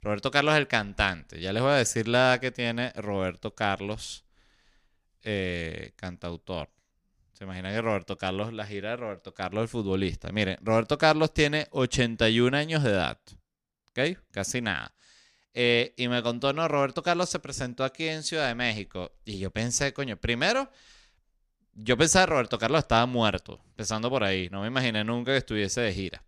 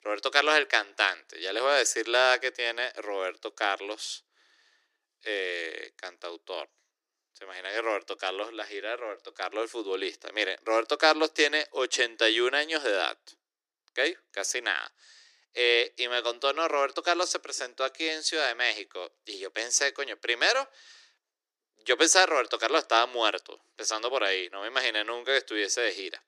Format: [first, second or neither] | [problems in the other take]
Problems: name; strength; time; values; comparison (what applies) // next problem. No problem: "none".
first | thin; very; fading below 300 Hz